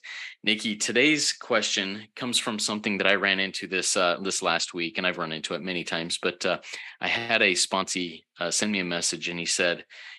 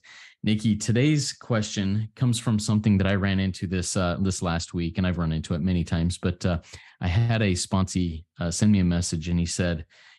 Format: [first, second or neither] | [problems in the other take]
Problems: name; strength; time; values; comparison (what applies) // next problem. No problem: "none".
second | thin; very; fading below 350 Hz